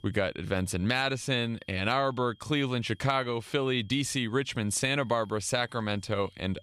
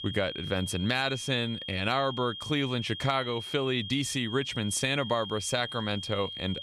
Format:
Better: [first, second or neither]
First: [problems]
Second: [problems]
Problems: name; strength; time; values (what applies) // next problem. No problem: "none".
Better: first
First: high-pitched whine; faint; throughout; 3 kHz, 30 dB below the speech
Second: high-pitched whine; loud; throughout; 3 kHz, 8 dB below the speech